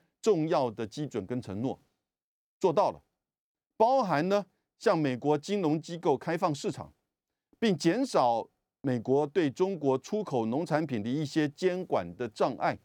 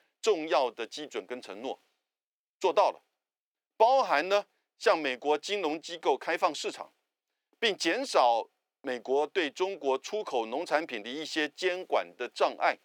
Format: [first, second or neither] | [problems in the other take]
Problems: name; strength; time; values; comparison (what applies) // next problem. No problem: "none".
first | thin; somewhat; fading below 400 Hz